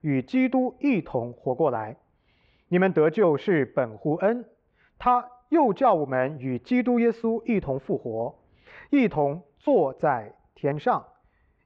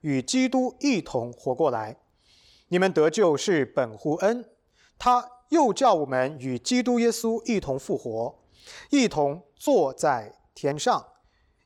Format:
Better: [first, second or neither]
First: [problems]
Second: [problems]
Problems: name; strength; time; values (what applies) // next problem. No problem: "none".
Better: second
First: muffled; very; fading above 2.5 kHz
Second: none